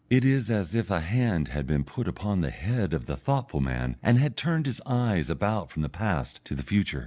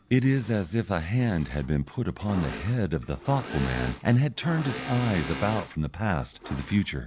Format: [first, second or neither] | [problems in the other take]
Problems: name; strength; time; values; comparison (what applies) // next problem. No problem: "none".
first | background sound (Engine / Mechanisms); 13 dB below the speech